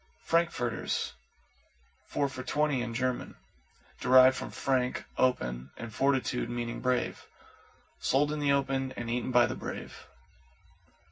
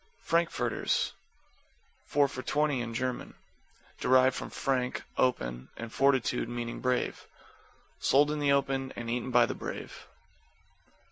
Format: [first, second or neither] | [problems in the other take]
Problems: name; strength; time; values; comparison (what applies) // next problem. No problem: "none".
second | room echo; dies away in 0.4 s